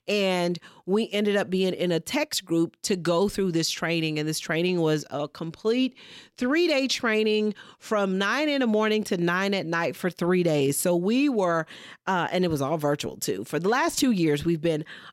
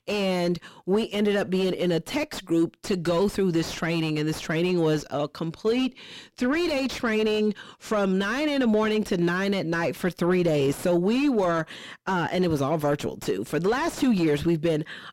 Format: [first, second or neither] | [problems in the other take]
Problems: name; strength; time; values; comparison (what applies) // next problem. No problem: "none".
first | distortion; slight; 10 dB below the speech